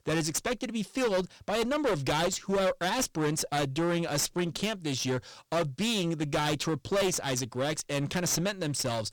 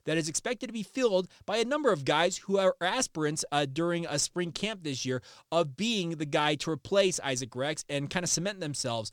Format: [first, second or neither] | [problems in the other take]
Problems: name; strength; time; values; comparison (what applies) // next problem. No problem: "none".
second | distortion; heavy; 19% of the sound clipped